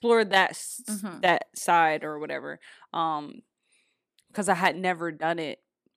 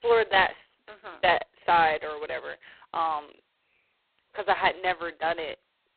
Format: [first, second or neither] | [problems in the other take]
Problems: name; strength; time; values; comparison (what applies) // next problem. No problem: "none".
first | phone-call audio; poor line; nothing above 4 kHz